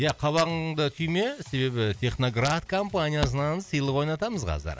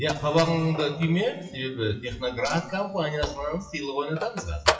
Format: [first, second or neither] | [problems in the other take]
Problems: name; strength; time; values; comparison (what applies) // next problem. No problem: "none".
first | noise reduction (classical method WPE with log-MMSE)